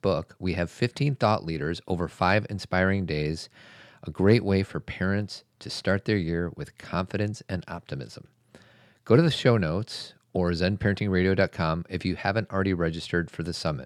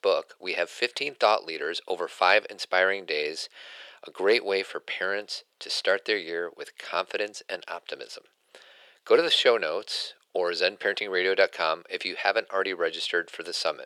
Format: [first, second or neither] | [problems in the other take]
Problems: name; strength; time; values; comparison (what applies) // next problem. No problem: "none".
first | thin; very; fading below 450 Hz